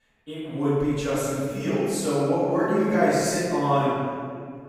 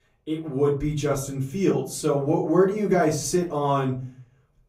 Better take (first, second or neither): second